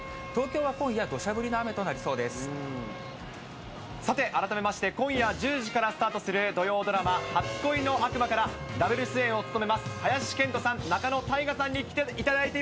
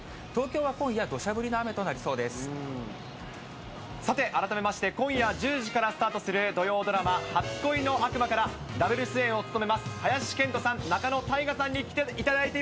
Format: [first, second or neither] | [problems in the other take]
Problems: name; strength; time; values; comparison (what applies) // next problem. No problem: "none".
second | background sound (Wind instrument, woodwind instrument); 17 dB below the speech